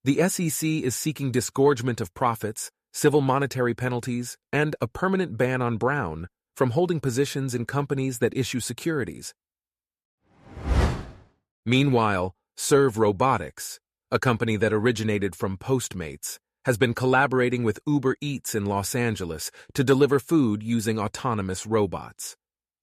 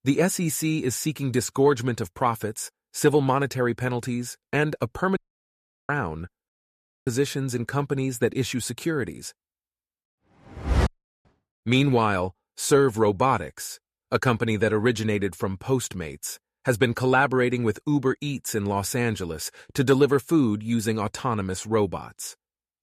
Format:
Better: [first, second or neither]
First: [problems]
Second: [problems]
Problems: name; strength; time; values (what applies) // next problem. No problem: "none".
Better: first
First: none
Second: audio cutting out; at 5 s for 0.5 s, at 6.5 s for 0.5 s and at 11 s